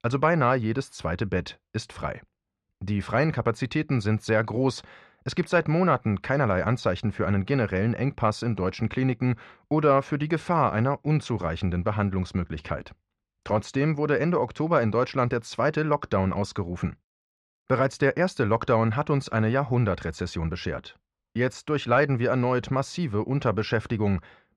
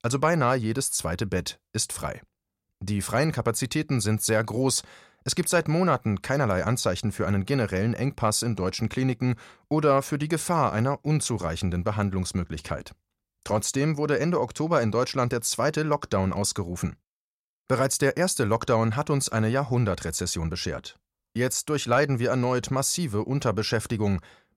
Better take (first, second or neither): second